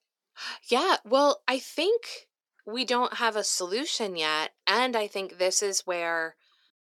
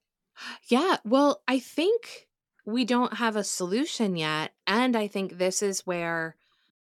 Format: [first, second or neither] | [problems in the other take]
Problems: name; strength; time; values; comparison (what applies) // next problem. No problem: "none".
second | thin; somewhat; fading below 500 Hz